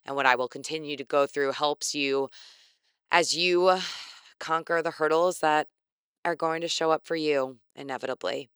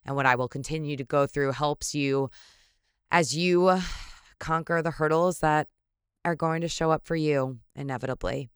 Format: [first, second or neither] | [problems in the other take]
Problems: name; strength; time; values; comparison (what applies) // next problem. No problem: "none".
second | thin; somewhat; fading below 400 Hz